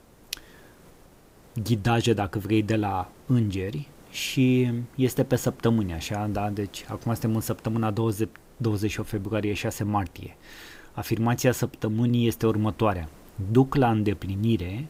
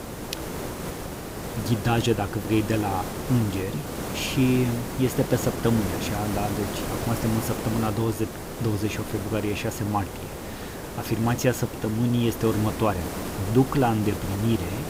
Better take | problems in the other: first | hiss; loud; throughout; 6 dB below the speech; faint in the first

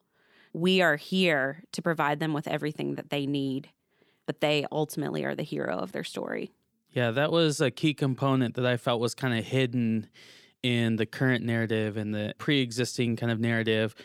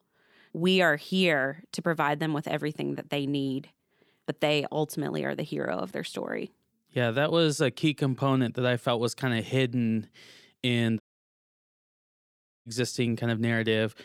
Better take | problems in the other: first | audio cutting out; at 11 s for 1.5 s

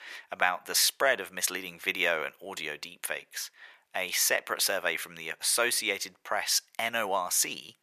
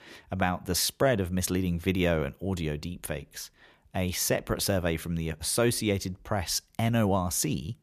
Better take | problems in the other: second | thin; very; fading below 750 Hz

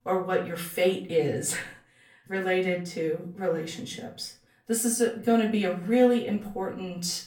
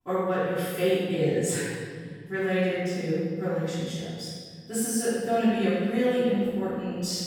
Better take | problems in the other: first | room echo; strong; dies away in 2.1 s; slight in the first // off-mic speech; far; far in the first

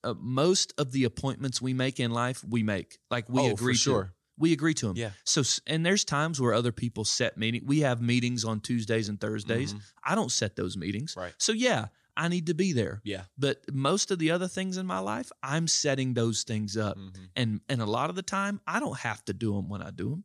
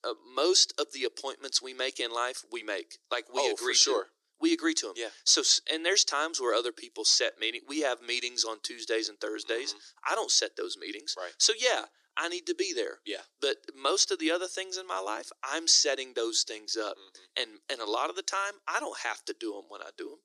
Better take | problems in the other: first | thin; very; fading below 300 Hz

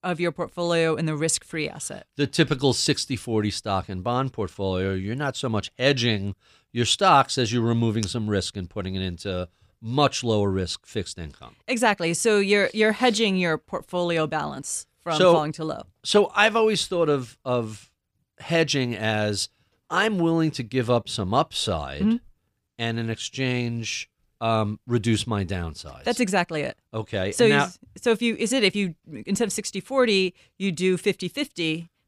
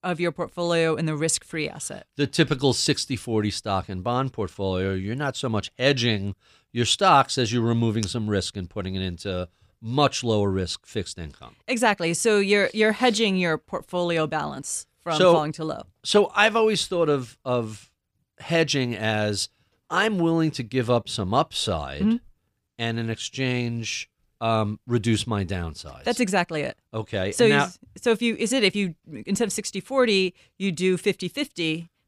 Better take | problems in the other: neither | none

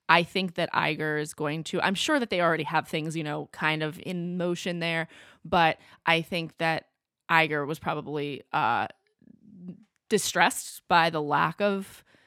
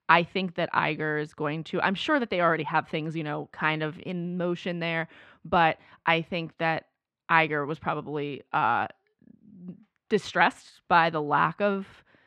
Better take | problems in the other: first | muffled; slightly; fading above 3 kHz

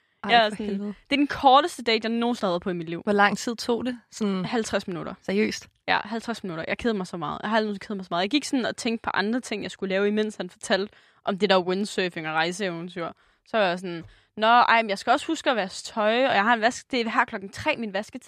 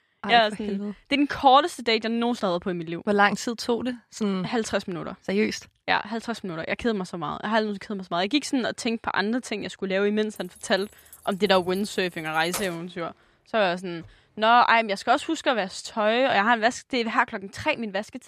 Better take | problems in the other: first | jangling keys; noticeable; from 10 to 13 s; peak 9 dB below the speech

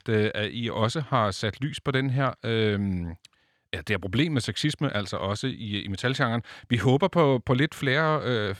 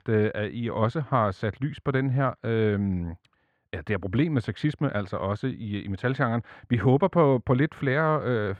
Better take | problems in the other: first | muffled; very; fading above 3 kHz

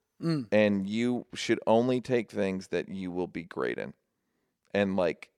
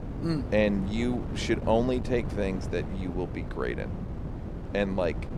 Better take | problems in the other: first | wind noise on the microphone; occasional gusts; 10 dB below the speech

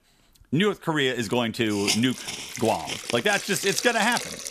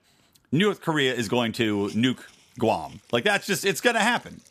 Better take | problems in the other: second | hiss; loud; throughout; 5 dB below the speech; faint in the second

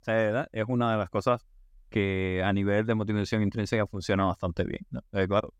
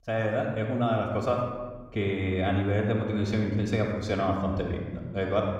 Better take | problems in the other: first | off-mic speech; somewhat distant // room echo; noticeable; dies away in 1.1 s

